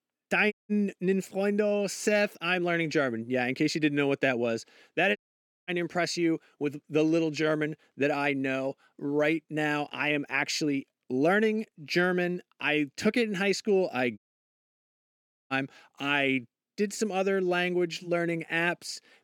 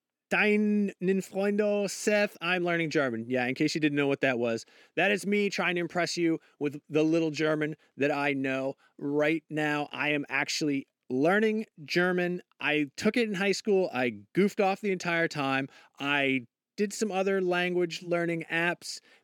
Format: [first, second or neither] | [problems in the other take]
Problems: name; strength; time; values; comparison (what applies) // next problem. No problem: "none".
second | audio cutting out; at 0.5 s, at 5 s for 0.5 s and at 14 s for 1.5 s